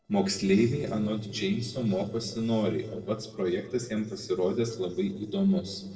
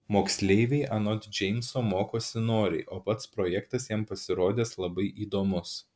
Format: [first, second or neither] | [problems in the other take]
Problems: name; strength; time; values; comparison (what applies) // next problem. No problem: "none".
second | noise reduction (neural separator model SepFormer DNS4)